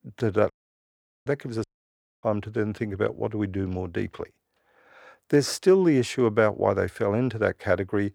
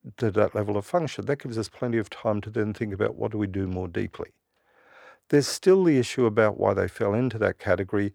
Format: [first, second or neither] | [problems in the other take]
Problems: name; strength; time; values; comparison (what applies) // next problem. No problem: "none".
second | audio cutting out; at 0.5 s for 1 s and at 1.5 s for 0.5 s